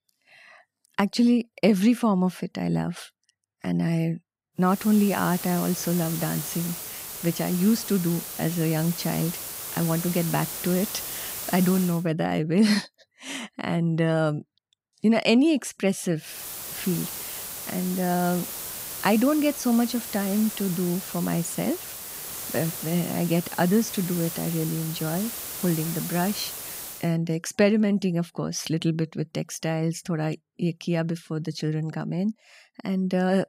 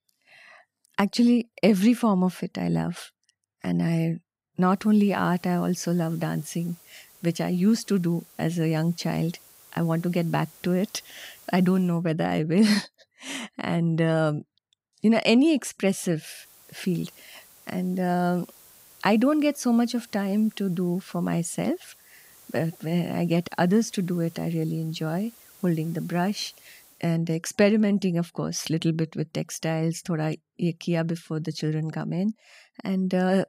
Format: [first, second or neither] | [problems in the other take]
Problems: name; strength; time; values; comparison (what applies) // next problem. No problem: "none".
second | hiss; loud; from 4.5 to 12 s and from 16 to 27 s; 7 dB below the speech; faint in the second